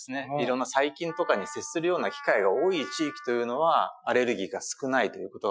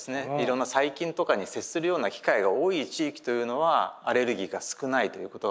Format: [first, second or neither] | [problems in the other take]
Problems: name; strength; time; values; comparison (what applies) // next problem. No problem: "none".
second | noise reduction (classical method Wiener filter)